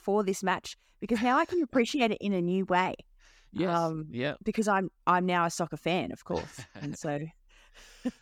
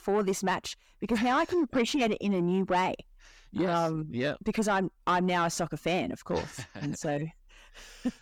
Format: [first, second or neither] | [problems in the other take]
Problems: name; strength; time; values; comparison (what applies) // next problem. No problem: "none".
first | distortion; slight; 9 dB below the speech